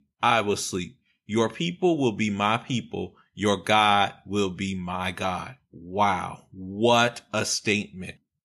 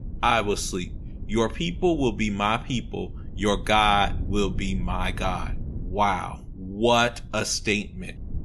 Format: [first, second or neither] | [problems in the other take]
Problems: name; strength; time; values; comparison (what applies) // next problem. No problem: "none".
first | low rumble; faint; throughout; 25 dB below the speech